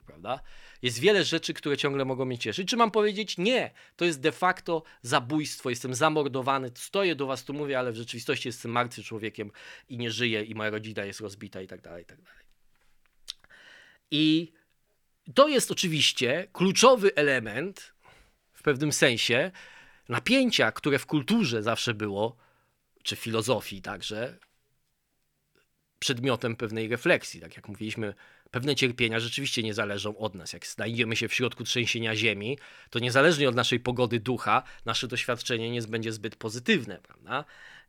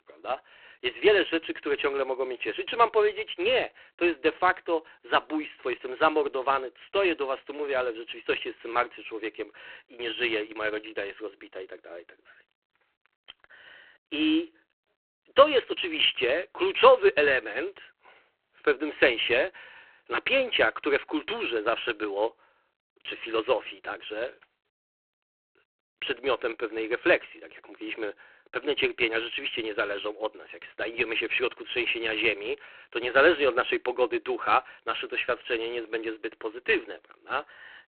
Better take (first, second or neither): first